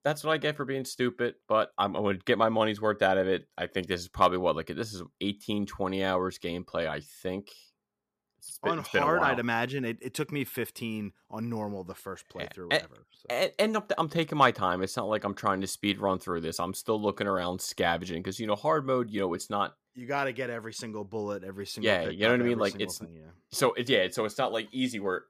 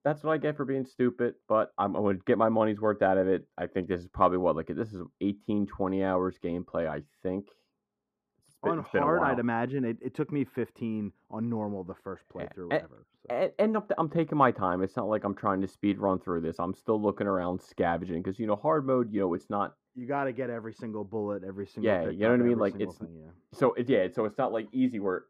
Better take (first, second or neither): first